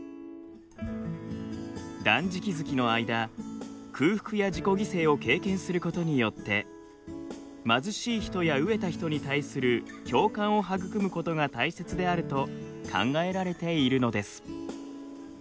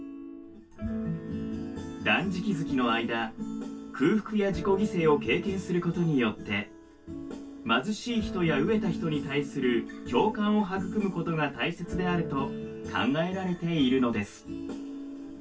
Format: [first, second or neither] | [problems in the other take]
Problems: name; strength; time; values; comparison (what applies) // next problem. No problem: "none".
first | room echo; dies away in 0.2 s